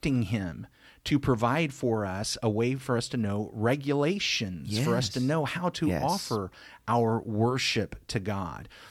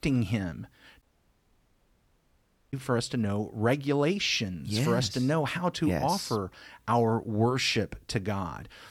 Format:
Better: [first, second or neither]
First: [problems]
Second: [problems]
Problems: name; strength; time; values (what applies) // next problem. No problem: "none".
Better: first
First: none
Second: audio cutting out; at 1 s for 1.5 s